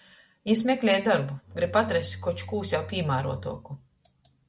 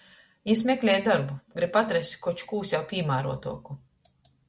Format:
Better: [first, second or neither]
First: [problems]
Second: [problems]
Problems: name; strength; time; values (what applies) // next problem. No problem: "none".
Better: second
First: background sound (Bowed string instrument); 14 dB below the speech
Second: none